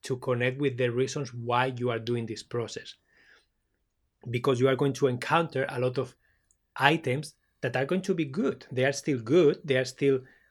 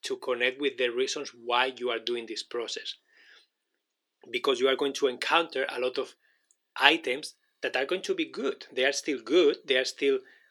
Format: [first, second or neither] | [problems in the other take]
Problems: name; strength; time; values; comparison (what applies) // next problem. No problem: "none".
first | thin; somewhat; fading below 300 Hz